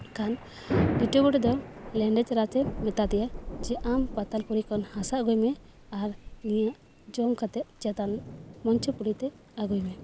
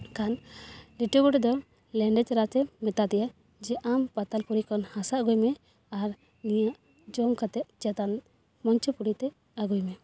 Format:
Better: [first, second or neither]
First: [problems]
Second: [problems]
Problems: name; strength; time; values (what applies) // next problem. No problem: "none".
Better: second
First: background sound (Thunder / Rain); 7 dB below the speech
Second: none